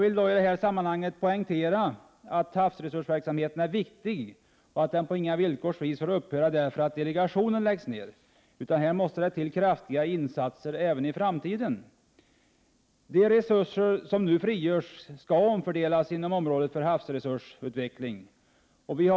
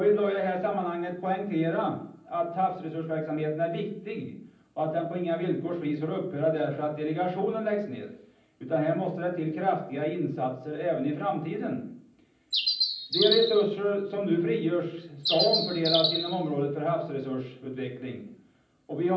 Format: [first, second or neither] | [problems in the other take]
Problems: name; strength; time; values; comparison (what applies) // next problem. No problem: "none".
first | background sound (Bird); as loud as the speech // room echo; dies away in 0.6 s